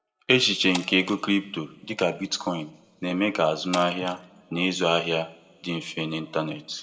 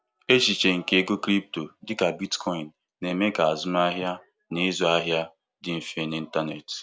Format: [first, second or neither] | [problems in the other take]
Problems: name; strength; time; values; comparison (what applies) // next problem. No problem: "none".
second | background sound (Shatter); 17 dB below the speech // room echo; dies away in 1.2 s